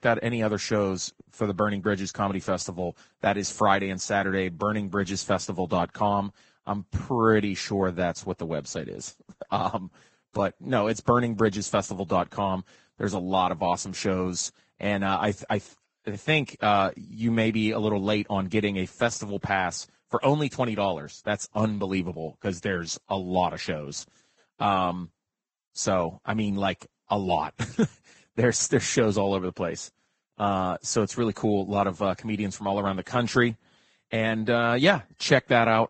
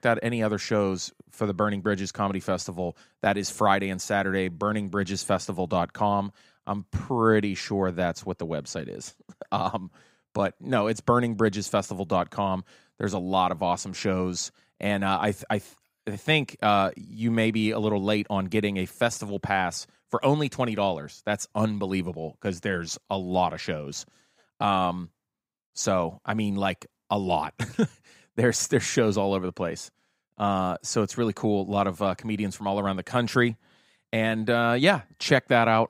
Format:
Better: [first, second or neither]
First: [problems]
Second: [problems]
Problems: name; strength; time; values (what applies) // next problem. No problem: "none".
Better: second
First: garbled, watery; badly; nothing above 8 kHz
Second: none